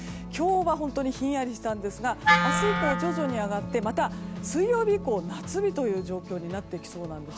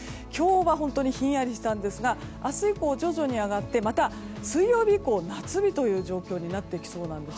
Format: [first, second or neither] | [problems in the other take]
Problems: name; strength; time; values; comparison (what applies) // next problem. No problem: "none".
second | background sound (Bird + Wind instrument, woodwind instrument); 3 dB below the speech